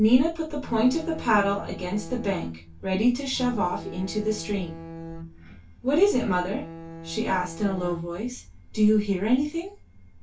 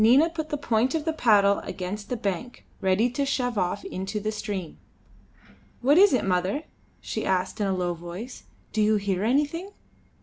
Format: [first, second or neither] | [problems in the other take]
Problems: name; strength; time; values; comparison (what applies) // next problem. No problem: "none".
second | background sound (Bowed string instrument); 14 dB below the speech // room echo; dies away in 0.1 s